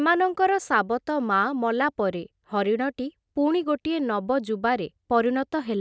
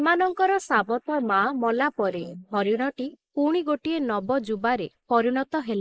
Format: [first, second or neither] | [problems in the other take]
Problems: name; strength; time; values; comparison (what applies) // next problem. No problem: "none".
first | noise reduction (neural mask model Resemble Enhance denoiser)